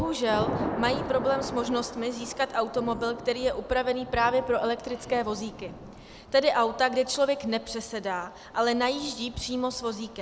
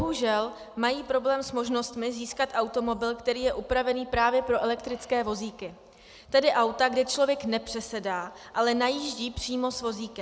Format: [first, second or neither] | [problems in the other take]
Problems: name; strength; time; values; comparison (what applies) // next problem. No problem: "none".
second | background sound (Thunder / Rain); 10 dB below the speech